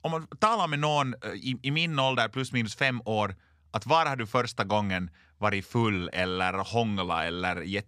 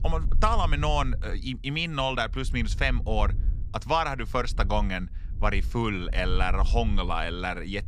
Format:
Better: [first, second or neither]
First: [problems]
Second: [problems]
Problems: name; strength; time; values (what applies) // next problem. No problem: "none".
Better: first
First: none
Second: wind noise on the microphone; occasional gusts; 25 dB below the speech